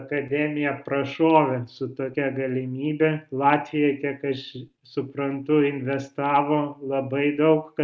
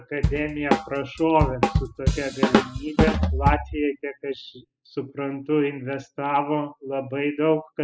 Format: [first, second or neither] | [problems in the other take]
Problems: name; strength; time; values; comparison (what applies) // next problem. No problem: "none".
first | noise reduction (classical method spectral subtraction)